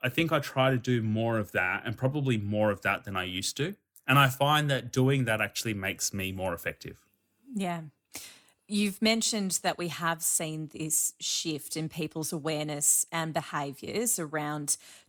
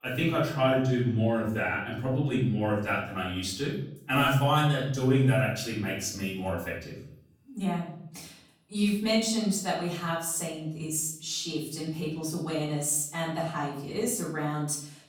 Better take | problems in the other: first | off-mic speech; far // room echo; noticeable; dies away in 0.7 s

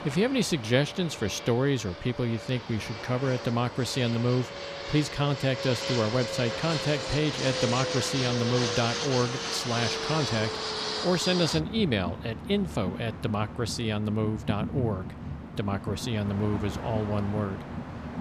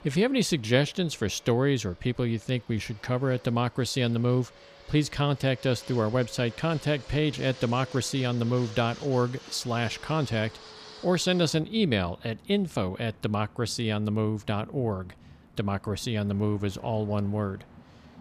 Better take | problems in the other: second | train or aircraft noise; loud; throughout; 5 dB below the speech; faint in the second

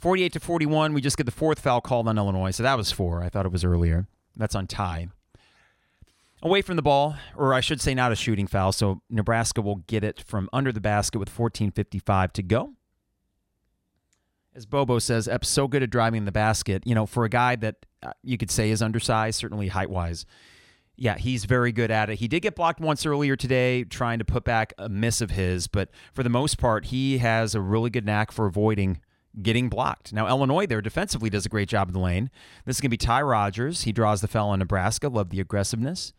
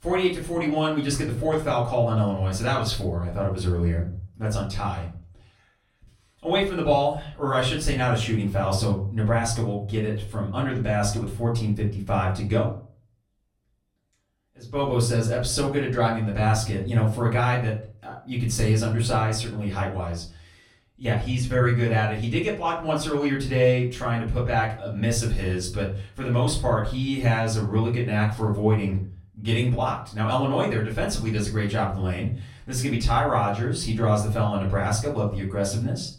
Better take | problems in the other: first | room echo; slight; dies away in 0.3 s // off-mic speech; far

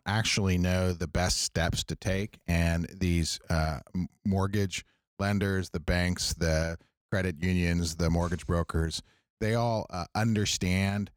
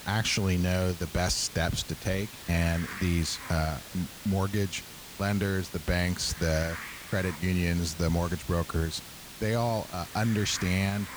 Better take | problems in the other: first | hiss; noticeable; throughout; 10 dB below the speech

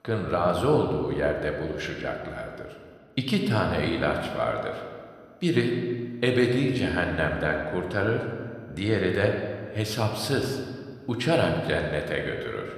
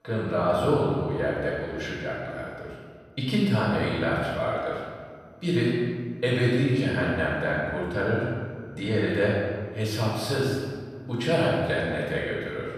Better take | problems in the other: first | room echo; strong; dies away in 1.6 s; slight in the first // off-mic speech; far

